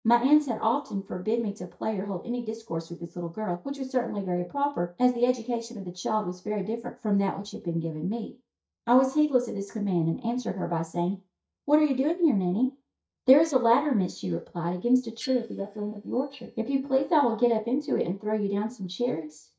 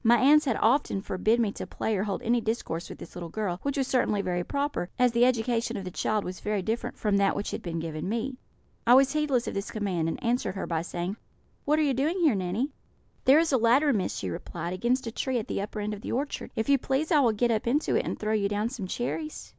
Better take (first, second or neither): second